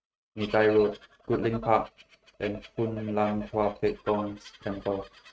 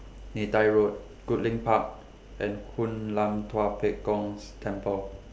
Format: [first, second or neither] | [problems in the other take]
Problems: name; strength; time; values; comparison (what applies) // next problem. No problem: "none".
second | noise reduction (neural mask model RNNoise)